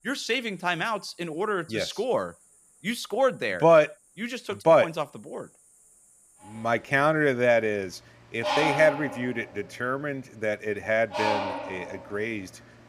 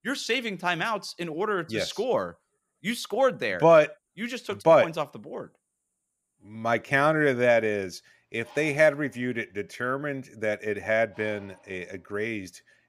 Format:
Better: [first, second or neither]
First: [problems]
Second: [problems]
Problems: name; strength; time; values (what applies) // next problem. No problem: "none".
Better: second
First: animal sounds; loud; throughout; 5 dB below the speech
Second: animal sounds; faint; throughout; 30 dB below the speech